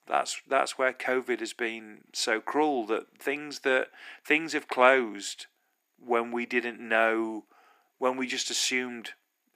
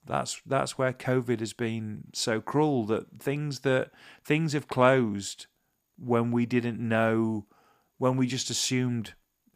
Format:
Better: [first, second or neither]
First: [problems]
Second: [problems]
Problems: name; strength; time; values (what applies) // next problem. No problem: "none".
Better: second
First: thin; somewhat; fading below 300 Hz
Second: none